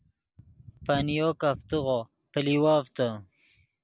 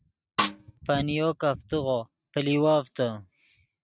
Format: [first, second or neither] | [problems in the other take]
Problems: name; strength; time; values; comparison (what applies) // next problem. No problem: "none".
first | noise reduction (neural mask model RNNoise)